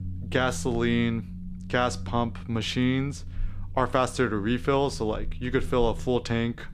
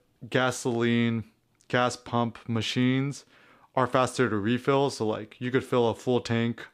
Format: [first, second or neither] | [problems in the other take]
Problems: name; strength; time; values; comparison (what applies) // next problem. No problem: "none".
second | low rumble; faint; throughout; 25 dB below the speech